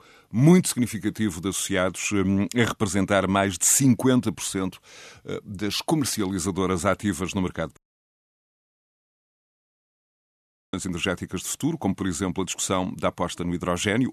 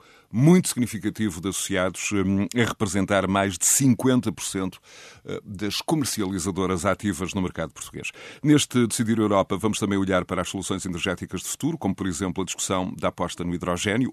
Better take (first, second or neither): second